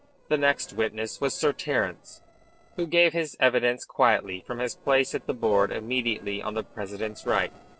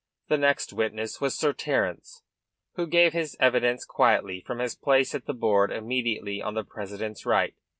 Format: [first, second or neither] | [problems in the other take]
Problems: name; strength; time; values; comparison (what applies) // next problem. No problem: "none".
second | noise reduction (neural separator model SepFormer DNS4)